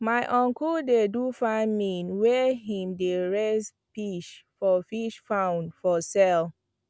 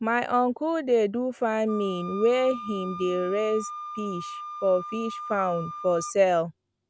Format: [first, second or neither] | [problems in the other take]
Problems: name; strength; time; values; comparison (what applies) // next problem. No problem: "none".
first | background sound (Wind instrument, woodwind instrument); 12 dB below the speech